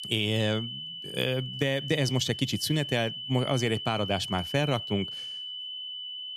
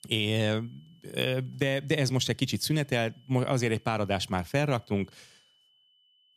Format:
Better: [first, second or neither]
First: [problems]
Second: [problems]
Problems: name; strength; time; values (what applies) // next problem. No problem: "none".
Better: second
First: high-pitched whine; loud; throughout; 3 kHz, 7 dB below the speech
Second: high-pitched whine; faint; throughout; 3 kHz, 35 dB below the speech